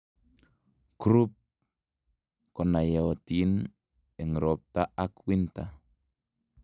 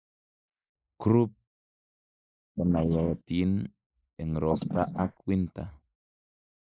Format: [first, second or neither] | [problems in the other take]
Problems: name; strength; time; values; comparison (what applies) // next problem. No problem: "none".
first | noise reduction (neural mask model Resemble Enhance denoiser)